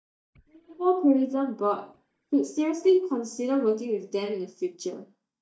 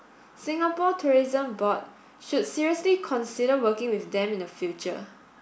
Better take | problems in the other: second | noise reduction (neural mask model DeepFilterNet 3)

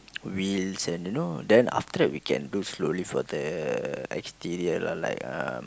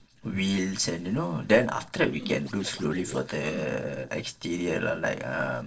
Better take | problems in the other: first | noise reduction (neural separator model SepFormer DNS4)

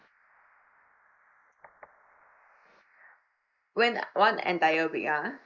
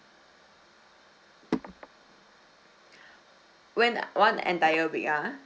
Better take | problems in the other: second | noise reduction (neural mask model Resemble Enhance denoiser)

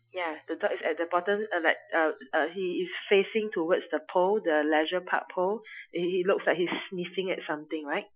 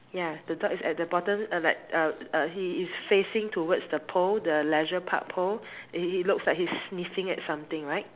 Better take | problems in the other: second | noise reduction (classical method Wiener filter)

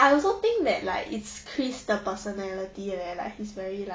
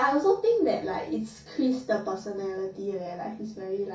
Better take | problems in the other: first | room echo; dies away in 0.3 s

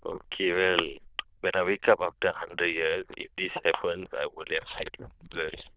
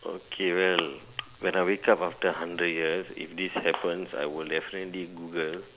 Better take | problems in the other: second | noise reduction (neural diffusion model UNIVERSE++)

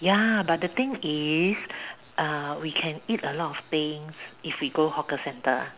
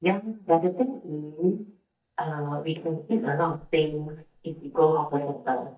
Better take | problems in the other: first | noise reduction (neural mask model DeepFilterNet 3)

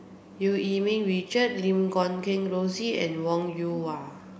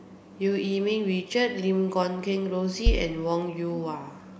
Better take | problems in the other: first | background sound (Bass drum); 2 dB above the speech

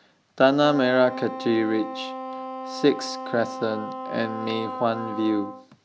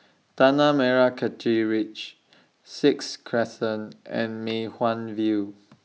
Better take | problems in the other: second | background sound (Wind instrument, woodwind instrument); 10 dB below the speech

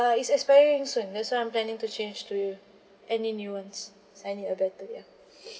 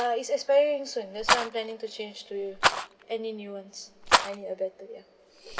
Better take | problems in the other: first | background sound (Rattle); as loud as the speech

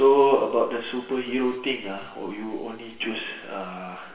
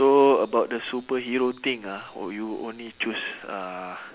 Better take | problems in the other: second | room echo; dies away in 1.1 s

